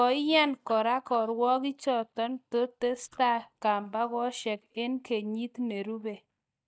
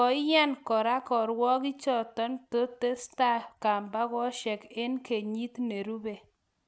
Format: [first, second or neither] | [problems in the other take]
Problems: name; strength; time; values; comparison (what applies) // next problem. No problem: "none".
second | noise reduction (neural mask model DeepFilterNet 3)